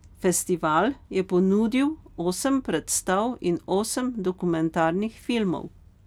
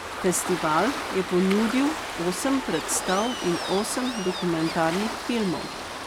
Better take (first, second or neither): first